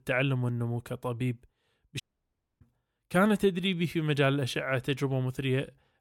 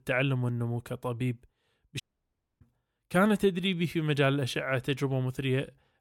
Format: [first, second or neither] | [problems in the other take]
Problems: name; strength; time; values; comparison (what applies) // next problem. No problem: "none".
neither | audio cutting out; at 2 s for 0.5 s; the same in both